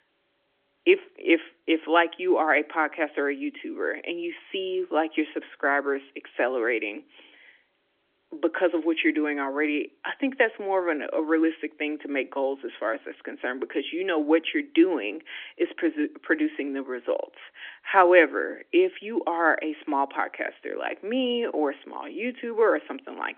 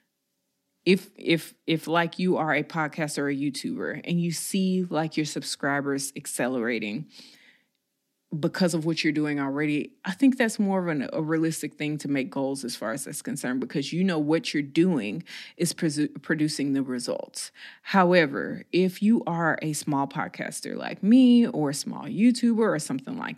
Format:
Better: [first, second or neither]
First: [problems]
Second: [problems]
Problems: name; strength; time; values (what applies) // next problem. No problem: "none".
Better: second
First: phone-call audio; nothing above 3.5 kHz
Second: none